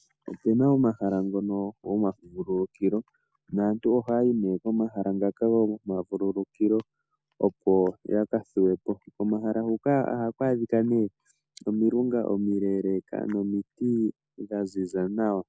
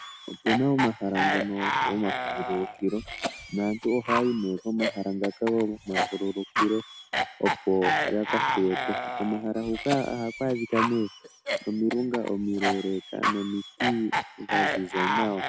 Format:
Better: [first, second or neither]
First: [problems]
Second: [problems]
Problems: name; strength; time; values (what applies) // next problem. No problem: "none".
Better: first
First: none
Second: background sound (Cough); 2 dB below the speech